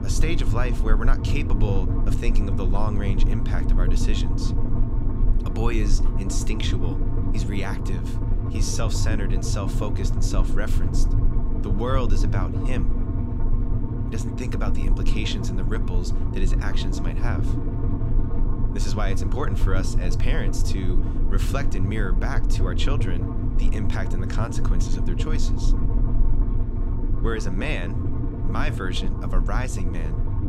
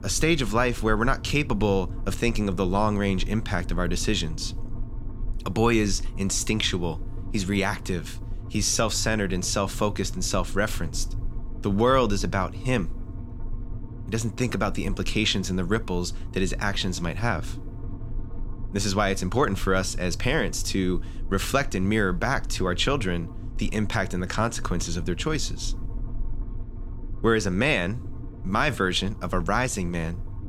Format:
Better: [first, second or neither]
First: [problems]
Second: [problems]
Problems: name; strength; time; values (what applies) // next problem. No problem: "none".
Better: second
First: low rumble; loud; throughout; 4 dB below the speech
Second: low rumble; faint; throughout; 20 dB below the speech